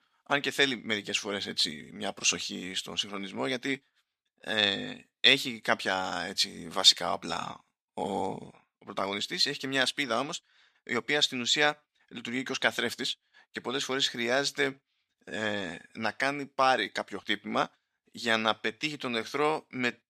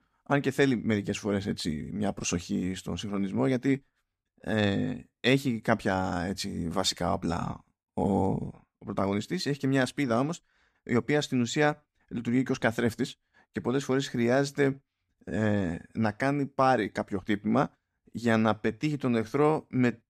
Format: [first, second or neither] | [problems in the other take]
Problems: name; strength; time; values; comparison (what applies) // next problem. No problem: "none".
second | thin; somewhat; fading below 850 Hz